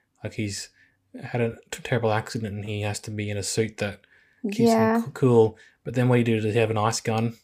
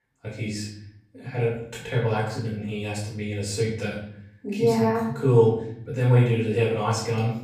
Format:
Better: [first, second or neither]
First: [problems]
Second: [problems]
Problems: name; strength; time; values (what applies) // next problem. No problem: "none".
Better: first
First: none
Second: off-mic speech; far // room echo; noticeable; dies away in 0.7 s